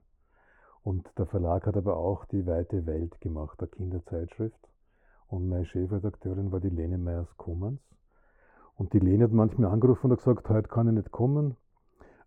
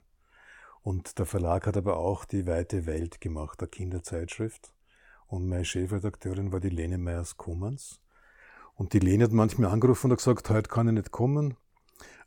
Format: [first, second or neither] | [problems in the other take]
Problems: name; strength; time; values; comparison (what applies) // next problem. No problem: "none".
second | muffled; very; fading above 2 kHz